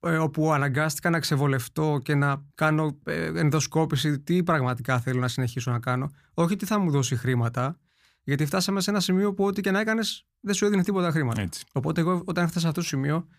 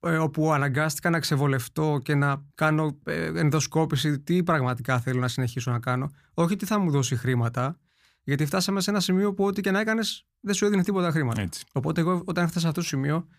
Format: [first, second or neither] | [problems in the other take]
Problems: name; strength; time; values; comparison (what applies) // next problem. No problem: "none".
neither | none